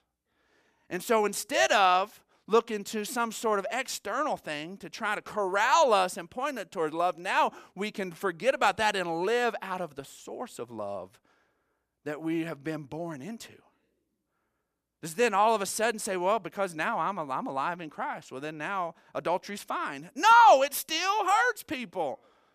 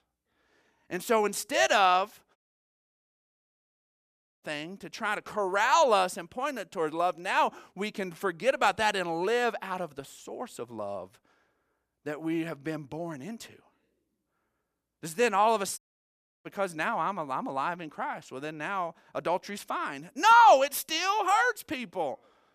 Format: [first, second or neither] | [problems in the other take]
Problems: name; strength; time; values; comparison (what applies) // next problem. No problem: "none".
first | audio cutting out; at 2.5 s for 2 s and at 16 s for 0.5 s